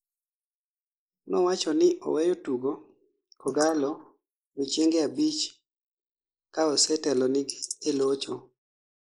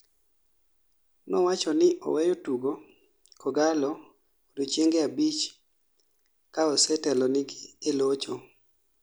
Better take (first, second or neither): second